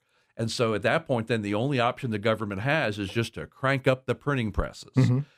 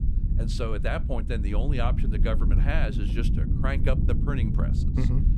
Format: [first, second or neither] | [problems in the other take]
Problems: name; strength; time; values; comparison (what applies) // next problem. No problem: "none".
first | low rumble; loud; throughout; 6 dB below the speech